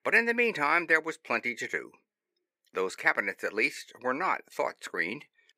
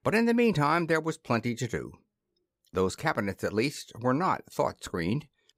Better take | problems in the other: second | thin; somewhat; fading below 400 Hz

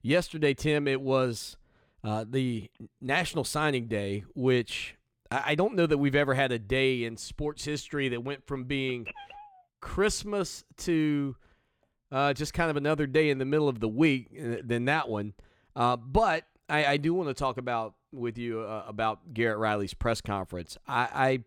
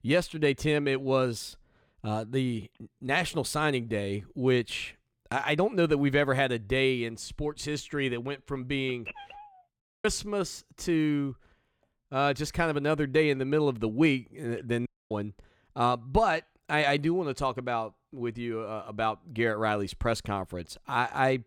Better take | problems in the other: first | audio cutting out; at 10 s and at 15 s

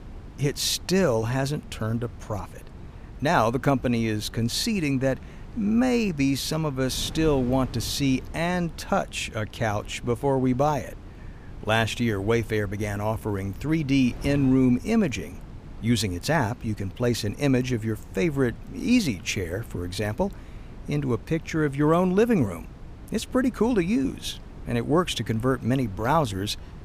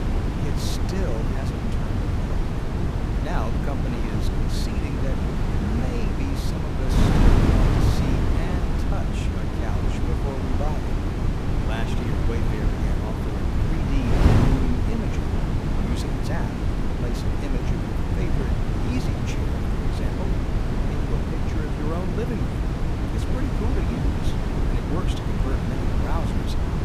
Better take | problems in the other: first | wind noise on the microphone; heavy; 5 dB above the speech; occasional gusts in the first

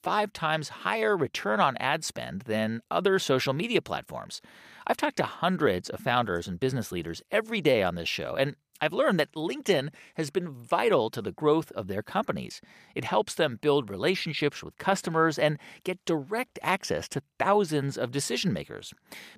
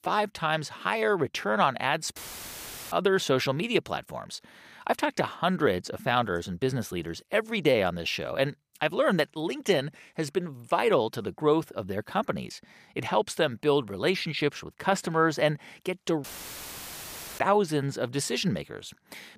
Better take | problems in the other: first | audio cutting out; filled with static; at 2 s for 1 s and at 16 s for 1 s

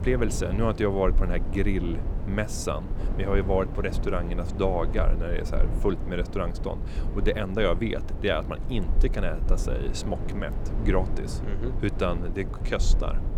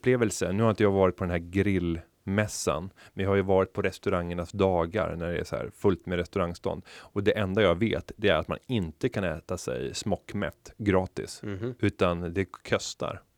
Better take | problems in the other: second | low rumble; noticeable; throughout; 10 dB below the speech

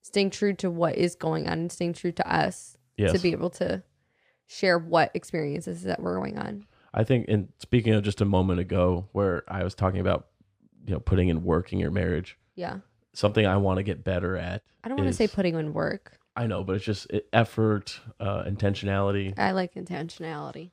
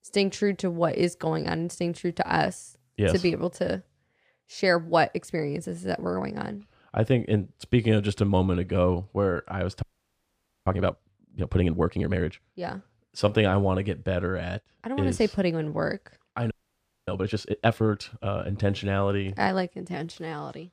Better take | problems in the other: first | audio freezing; at 10 s for 1 s and at 17 s for 0.5 s

